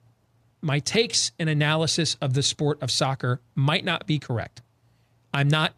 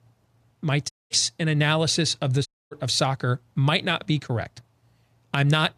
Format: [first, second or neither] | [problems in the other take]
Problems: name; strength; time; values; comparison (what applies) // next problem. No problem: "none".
first | audio cutting out; at 1 s and at 2.5 s